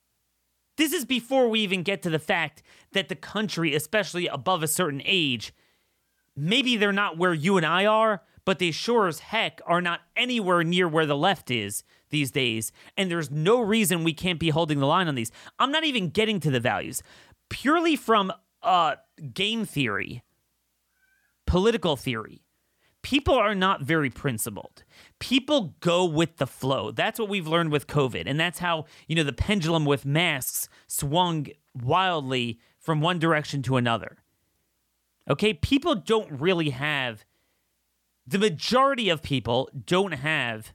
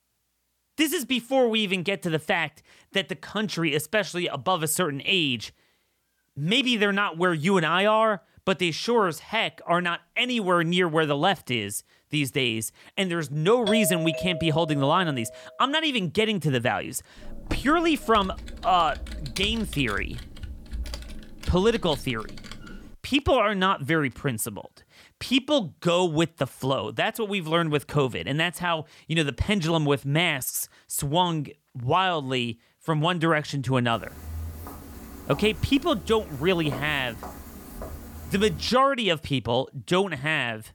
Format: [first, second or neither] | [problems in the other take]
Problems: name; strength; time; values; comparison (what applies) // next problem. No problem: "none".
first | doorbell; noticeable; from 14 to 15 s; peak 3 dB below the speech // keyboard typing; noticeable; from 17 to 23 s; peak 10 dB below the speech // footsteps; faint; from 34 to 39 s; peak 10 dB below the speech